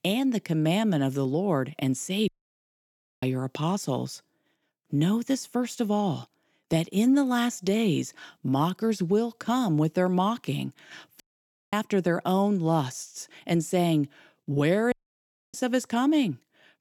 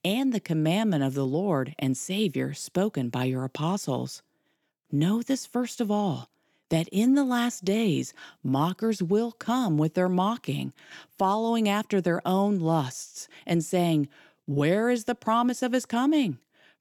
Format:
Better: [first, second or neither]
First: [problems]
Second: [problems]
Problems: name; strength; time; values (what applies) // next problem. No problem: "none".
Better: second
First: audio cutting out; at 2.5 s for 1 s, at 11 s for 0.5 s and at 15 s for 0.5 s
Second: none